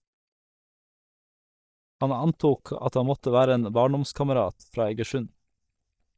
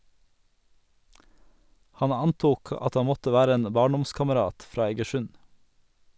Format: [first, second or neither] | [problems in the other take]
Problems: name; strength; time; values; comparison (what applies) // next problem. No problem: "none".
second | noise reduction (neural mask model DeepFilterNet 3)